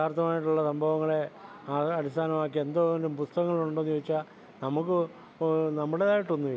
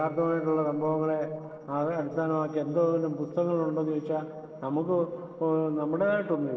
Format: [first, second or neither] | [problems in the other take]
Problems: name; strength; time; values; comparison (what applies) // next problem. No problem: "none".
first | noise reduction (neural separator model SepFormer DNS4)